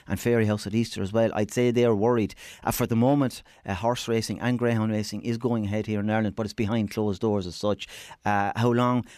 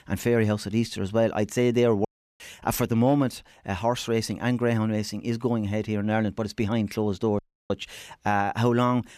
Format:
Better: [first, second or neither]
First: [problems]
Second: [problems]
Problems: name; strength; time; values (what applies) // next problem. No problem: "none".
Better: first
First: none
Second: audio cutting out; at 2 s and at 7.5 s